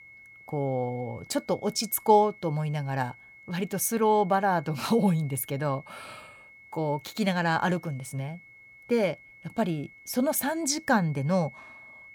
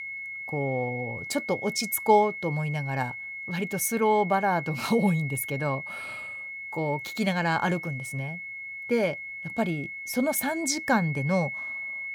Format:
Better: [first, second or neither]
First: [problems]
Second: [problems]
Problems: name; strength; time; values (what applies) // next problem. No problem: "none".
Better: first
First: high-pitched whine; faint; throughout; 2 kHz, 20 dB below the speech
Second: high-pitched whine; loud; throughout; 2 kHz, 7 dB below the speech